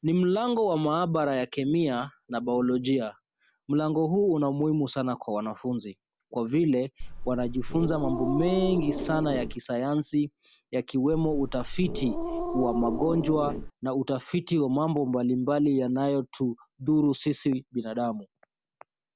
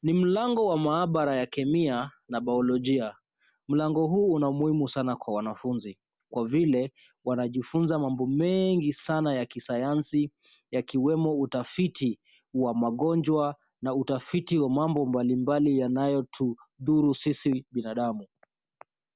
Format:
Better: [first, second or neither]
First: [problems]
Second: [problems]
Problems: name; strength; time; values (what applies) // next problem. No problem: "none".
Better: second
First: background sound (Growling); 5 dB below the speech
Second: none